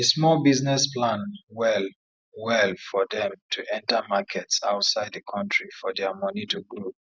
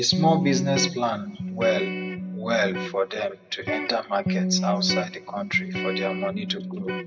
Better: first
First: none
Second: background sound (Electric guitar); 3 dB below the speech // room echo; dies away in 0.7 s

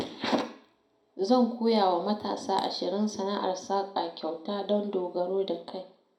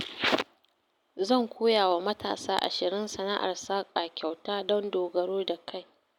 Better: second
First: room echo; dies away in 0.4 s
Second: none

